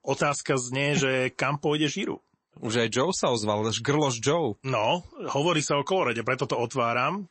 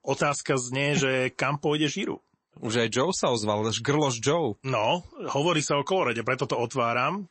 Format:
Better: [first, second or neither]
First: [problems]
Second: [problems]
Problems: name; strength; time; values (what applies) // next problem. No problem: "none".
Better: neither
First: garbled, watery; slightly; nothing above 8 kHz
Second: garbled, watery; slightly; nothing above 8 kHz